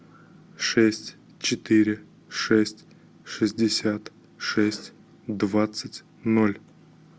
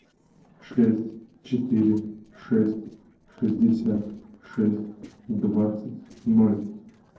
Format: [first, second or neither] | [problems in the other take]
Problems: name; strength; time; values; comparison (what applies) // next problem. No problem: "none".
first | noise reduction (neural separator model SepFormer DNS4)